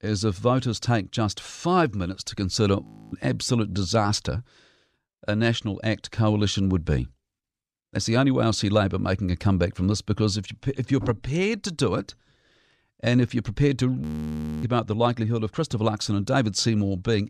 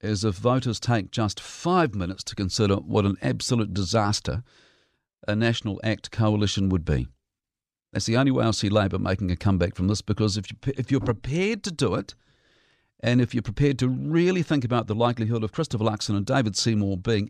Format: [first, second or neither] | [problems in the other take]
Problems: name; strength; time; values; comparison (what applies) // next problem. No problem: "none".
second | audio freezing; at 3 s and at 14 s for 0.5 s